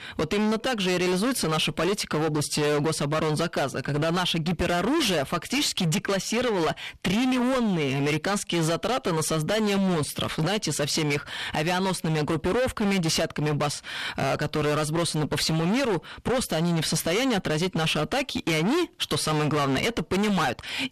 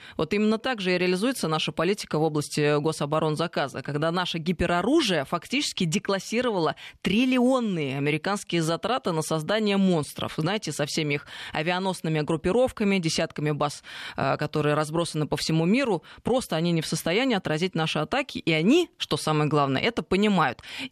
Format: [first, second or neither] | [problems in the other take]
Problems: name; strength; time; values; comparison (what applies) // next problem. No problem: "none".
second | distortion; heavy; 30% of the sound clipped